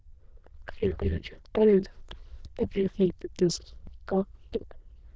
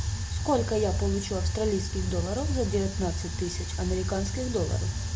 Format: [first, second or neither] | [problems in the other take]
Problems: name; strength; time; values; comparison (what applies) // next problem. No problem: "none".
second | noise reduction (neural diffusion model UNIVERSE++)